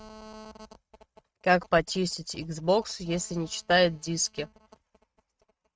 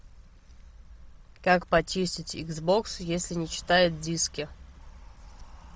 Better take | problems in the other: second | noise reduction (neural mask model RNNoise)

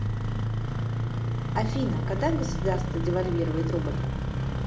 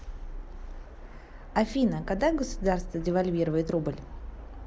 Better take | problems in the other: second | background sound (Engine starting); 2 dB above the speech // room echo; dies away in 0.6 s

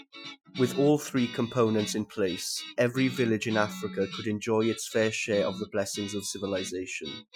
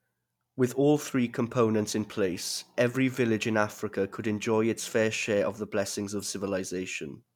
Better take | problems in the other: second | noise reduction (classical method Wiener filter)

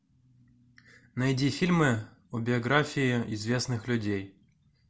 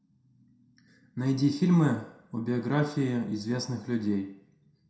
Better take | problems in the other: first | room echo; dies away in 0.6 s

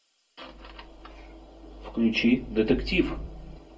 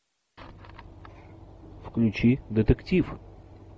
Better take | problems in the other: second | room echo; dies away in 0.2 s

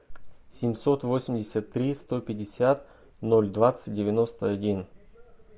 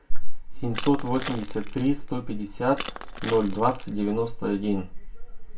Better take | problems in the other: first | background sound (Crushing); 18 dB below the speech // room echo; dies away in 0.2 s

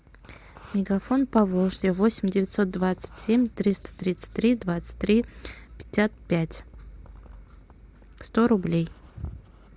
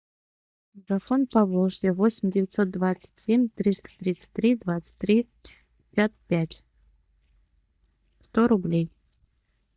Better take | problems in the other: first | noise reduction (neural mask model DeepFilterNet 3)

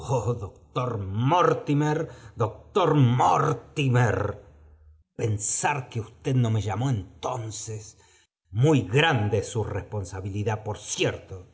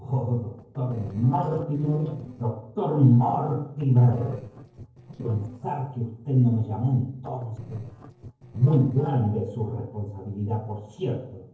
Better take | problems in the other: first | noise reduction (neural separator model SepFormer DNS4)

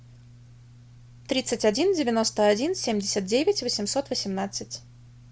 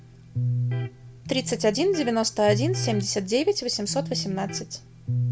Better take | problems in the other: first | background sound (Electric guitar); 4 dB below the speech

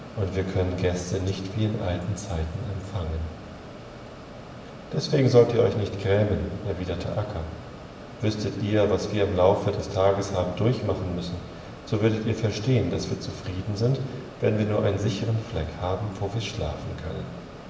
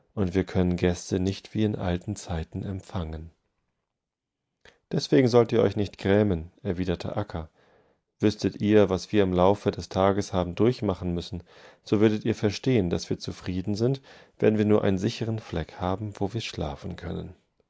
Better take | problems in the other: second | background sound (Mechanisms); 15 dB below the speech // room echo; dies away in 1.2 s

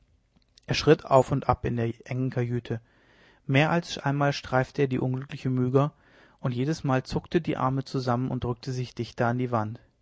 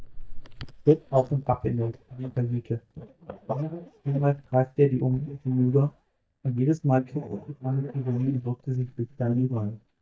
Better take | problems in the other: first | noise reduction (neural mask model DeepFilterNet 3)

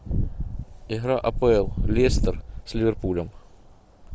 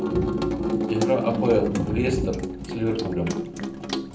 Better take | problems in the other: first | background sound (Sink (filling or washing) / Water tap, faucet); 1 dB below the speech // room echo; dies away in 0.6 s

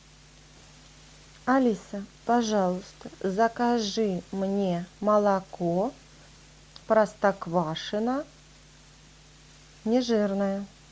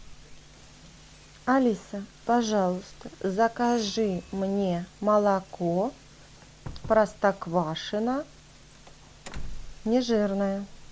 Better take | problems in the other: first | background sound (Doorbell); 17 dB below the speech

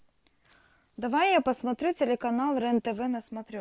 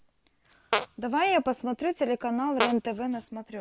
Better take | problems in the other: first | background sound (Fart); 5 dB below the speech

